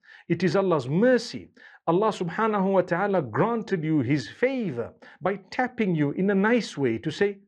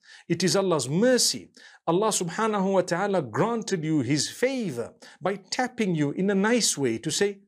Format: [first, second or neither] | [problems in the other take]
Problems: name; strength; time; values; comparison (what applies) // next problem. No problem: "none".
second | muffled; very; fading above 2 kHz